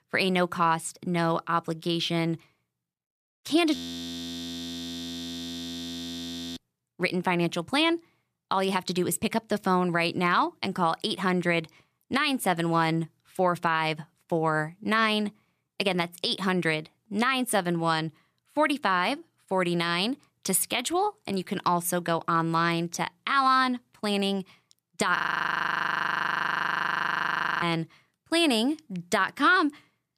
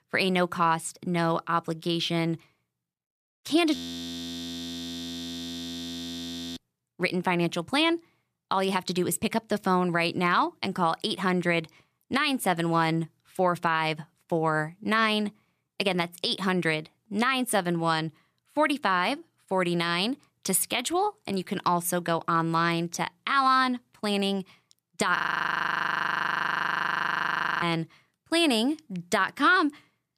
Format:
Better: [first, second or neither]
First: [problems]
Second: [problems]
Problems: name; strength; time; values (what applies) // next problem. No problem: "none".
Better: neither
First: audio freezing; at 4 s for 3 s and at 25 s for 2.5 s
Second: audio freezing; at 4 s for 3 s and at 25 s for 2.5 s